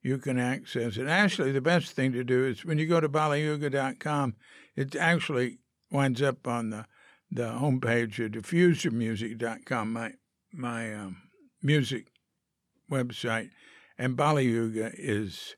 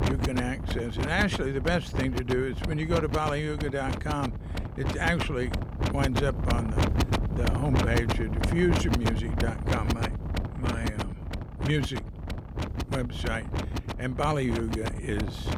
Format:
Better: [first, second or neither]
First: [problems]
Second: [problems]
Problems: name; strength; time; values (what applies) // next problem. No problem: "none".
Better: first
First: none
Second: wind noise on the microphone; heavy; 4 dB below the speech